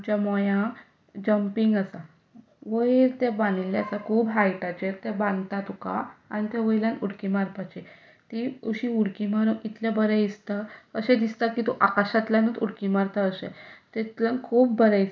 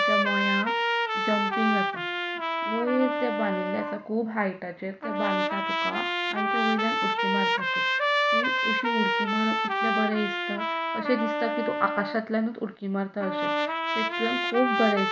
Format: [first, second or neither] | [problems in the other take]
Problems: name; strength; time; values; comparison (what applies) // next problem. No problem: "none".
first | background sound (Trumpet); 2 dB above the speech